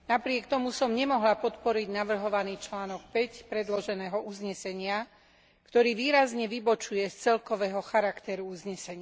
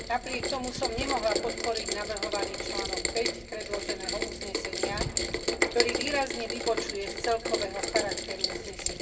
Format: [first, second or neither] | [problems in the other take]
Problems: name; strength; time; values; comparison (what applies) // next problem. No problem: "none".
first | background sound (Rain); 1 dB above the speech // room echo; dies away in 1.1 s